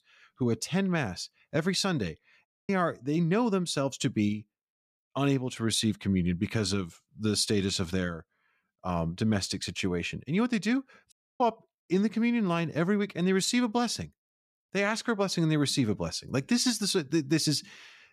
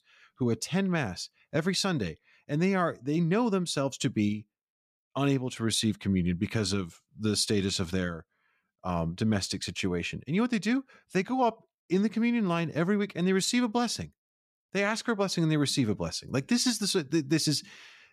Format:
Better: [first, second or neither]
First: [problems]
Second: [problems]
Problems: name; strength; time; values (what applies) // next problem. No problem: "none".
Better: second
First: audio cutting out; at 2.5 s and at 11 s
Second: none